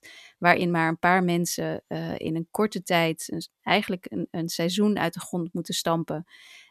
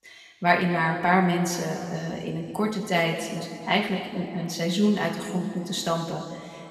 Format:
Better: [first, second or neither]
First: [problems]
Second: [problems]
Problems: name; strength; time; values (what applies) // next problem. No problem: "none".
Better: first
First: none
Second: room echo; noticeable; dies away in 2.2 s // off-mic speech; somewhat distant